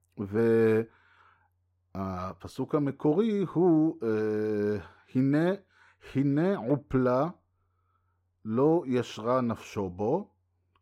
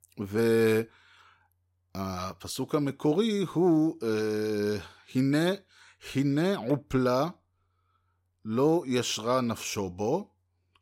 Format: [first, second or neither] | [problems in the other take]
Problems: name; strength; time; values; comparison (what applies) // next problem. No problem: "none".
second | muffled; slightly; fading above 2.5 kHz